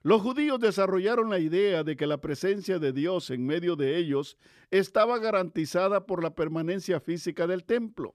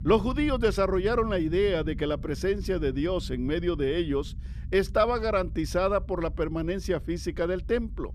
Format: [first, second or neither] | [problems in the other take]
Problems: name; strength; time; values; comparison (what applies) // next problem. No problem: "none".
first | low rumble; faint; throughout; 25 dB below the speech